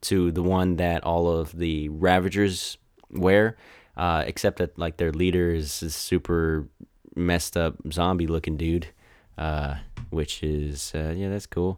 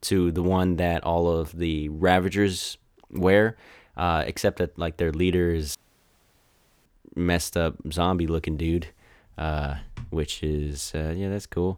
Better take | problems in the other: first | audio cutting out; at 6 s for 1 s

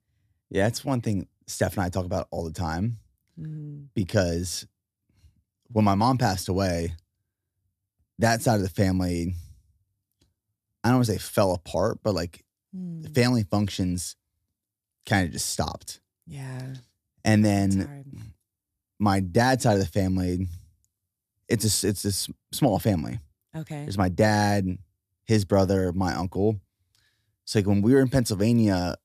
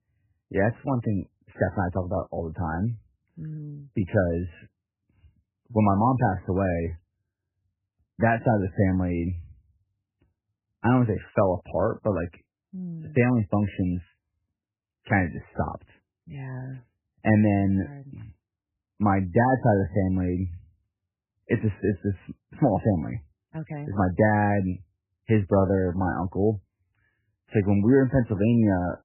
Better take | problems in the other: first | garbled, watery; badly; nothing above 3 kHz

